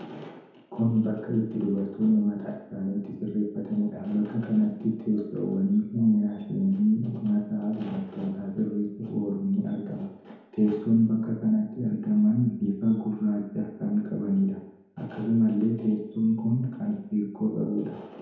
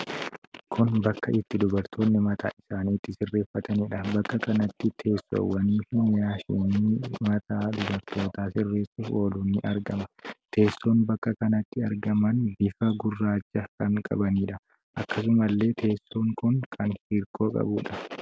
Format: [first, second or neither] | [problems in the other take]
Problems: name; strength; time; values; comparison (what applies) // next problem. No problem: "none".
second | room echo; dies away in 0.9 s